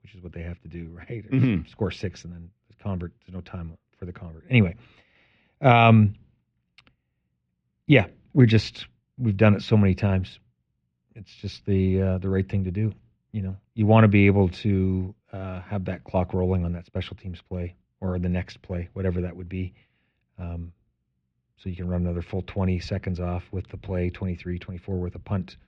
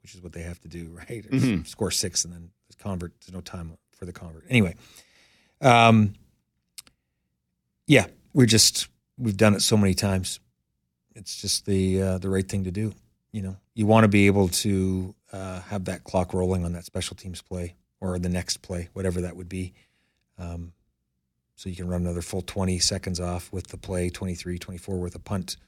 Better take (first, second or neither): second